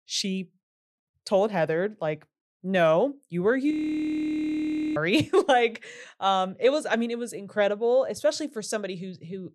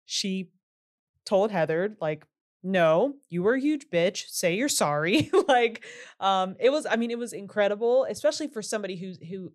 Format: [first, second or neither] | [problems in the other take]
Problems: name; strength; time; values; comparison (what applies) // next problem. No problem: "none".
second | audio freezing; at 3.5 s for 1.5 s